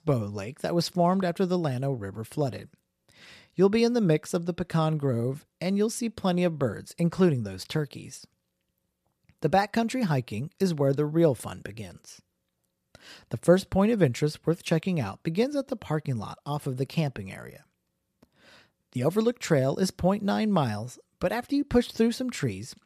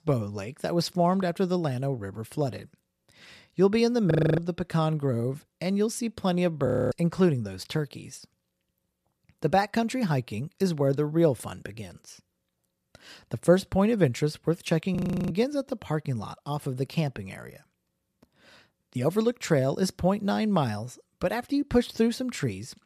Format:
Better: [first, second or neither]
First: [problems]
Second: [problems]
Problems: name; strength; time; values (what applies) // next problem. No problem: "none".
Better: first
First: none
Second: audio freezing; at 4 s, at 6.5 s and at 15 s